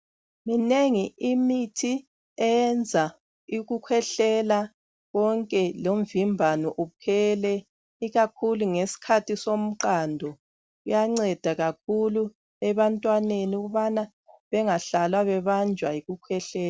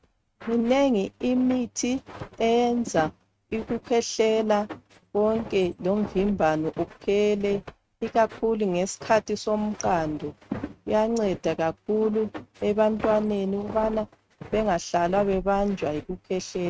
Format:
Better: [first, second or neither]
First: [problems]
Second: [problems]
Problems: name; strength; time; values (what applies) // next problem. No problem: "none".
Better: first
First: none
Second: noise reduction (neural mask model RNNoise)